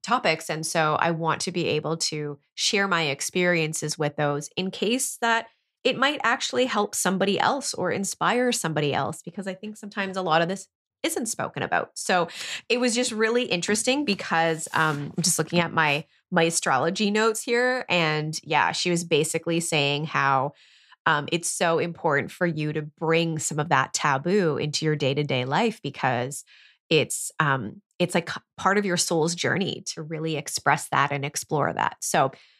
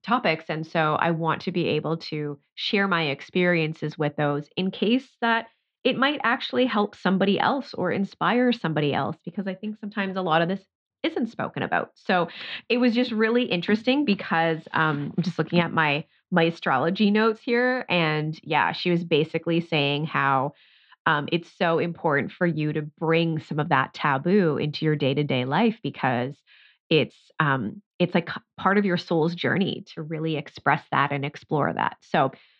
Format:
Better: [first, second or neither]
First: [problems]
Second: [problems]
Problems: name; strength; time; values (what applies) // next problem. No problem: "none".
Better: first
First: none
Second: muffled; slightly; fading above 4 kHz